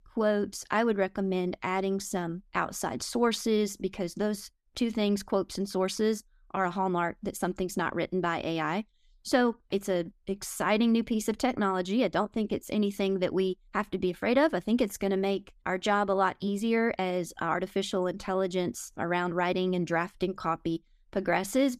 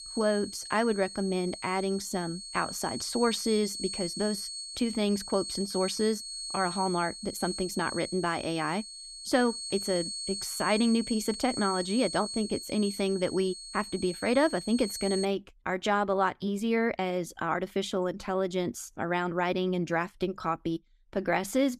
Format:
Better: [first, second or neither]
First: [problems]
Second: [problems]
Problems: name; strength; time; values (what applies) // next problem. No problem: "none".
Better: first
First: none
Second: high-pitched whine; loud; until 15 s; 4.5 kHz, 7 dB below the speech